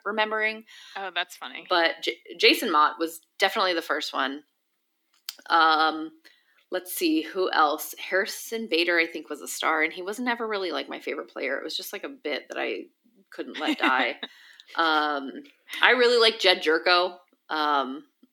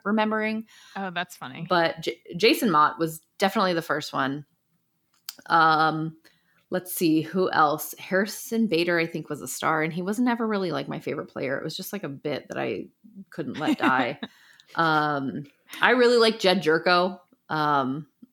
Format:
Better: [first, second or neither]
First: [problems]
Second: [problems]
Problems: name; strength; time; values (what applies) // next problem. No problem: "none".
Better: second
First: thin; somewhat; fading below 300 Hz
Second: none